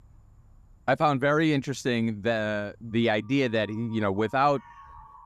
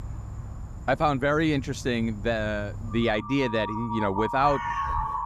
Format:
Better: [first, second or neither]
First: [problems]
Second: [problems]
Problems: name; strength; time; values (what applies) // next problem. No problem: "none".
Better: first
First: animal sounds; faint; throughout; 30 dB below the speech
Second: animal sounds; loud; throughout; 8 dB below the speech